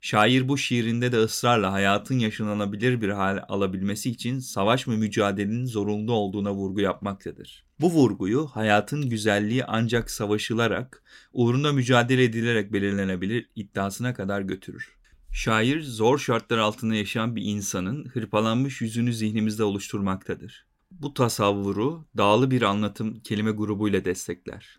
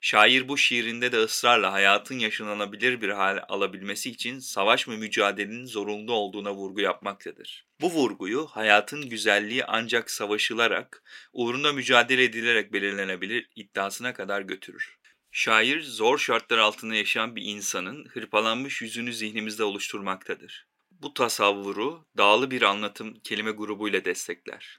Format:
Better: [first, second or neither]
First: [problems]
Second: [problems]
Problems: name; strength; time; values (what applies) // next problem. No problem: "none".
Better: first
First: none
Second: thin; somewhat; fading below 400 Hz